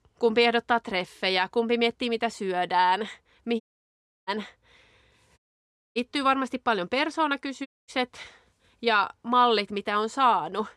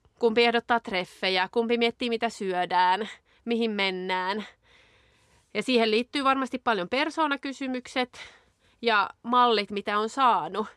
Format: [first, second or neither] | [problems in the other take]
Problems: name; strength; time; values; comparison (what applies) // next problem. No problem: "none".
second | audio cutting out; at 3.5 s for 0.5 s, at 5.5 s for 0.5 s and at 7.5 s